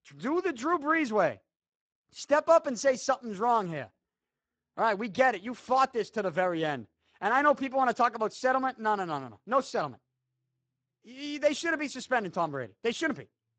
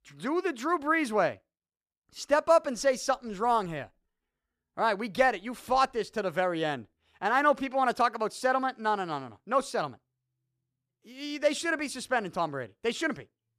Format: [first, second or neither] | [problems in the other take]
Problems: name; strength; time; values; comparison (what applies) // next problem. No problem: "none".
second | garbled, watery; badly; nothing above 7.5 kHz